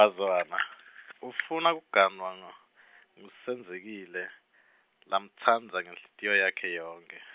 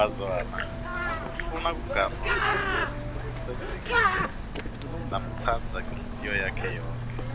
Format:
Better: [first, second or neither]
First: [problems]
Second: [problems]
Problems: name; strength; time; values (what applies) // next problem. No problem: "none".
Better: first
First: none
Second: background sound (Bird); 4 dB above the speech